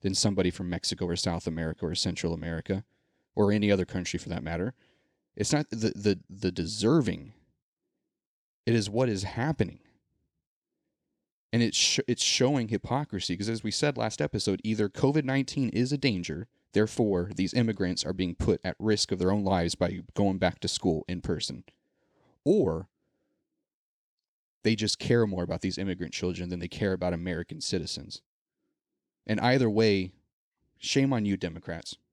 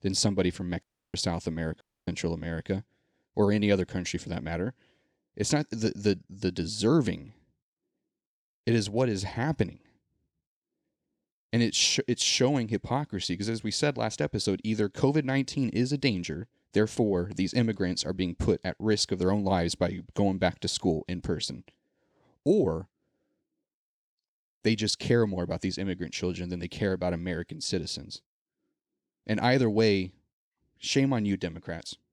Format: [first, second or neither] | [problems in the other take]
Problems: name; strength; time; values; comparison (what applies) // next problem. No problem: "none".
first | audio cutting out; at 1 s and at 2 s